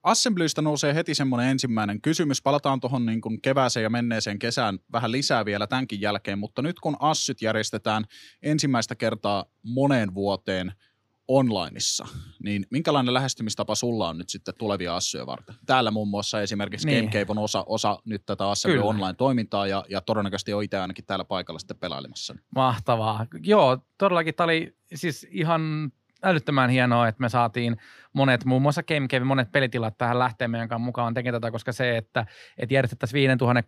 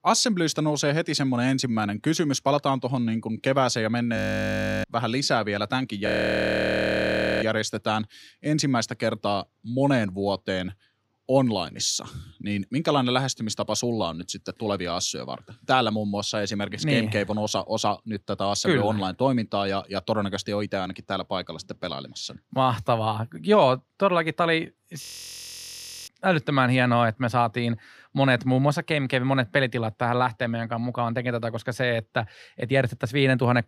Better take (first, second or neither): first